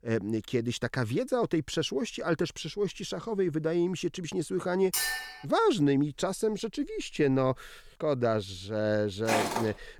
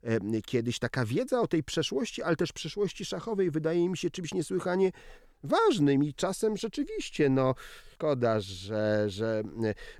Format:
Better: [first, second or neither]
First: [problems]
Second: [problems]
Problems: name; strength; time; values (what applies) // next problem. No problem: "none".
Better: second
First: clattering dishes; loud; at 5 s; peak 1 dB above the speech // footsteps; loud; at 9.5 s; peak 1 dB above the speech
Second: none